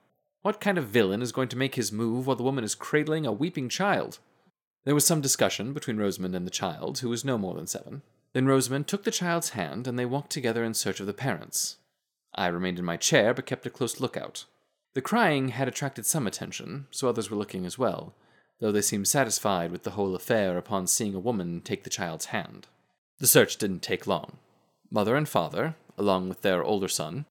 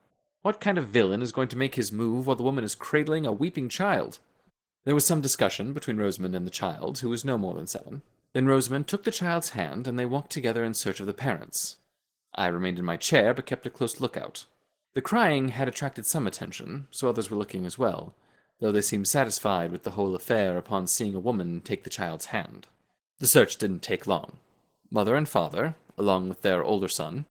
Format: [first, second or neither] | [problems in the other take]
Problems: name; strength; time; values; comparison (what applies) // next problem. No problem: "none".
first | garbled, watery; slightly; nothing above 19 kHz